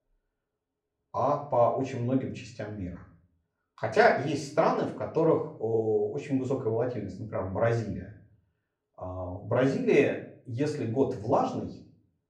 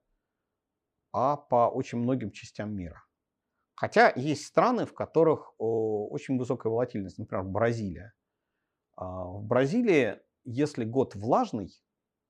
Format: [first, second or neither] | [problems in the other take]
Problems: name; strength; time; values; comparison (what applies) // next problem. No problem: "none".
second | room echo; slight; dies away in 0.4 s // off-mic speech; far